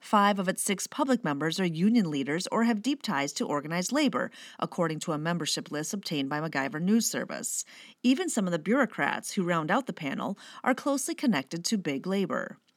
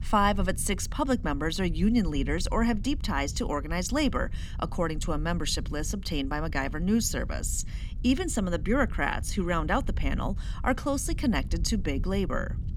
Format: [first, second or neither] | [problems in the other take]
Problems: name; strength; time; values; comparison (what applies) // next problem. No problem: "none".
first | wind noise on the microphone; occasional gusts; 20 dB below the speech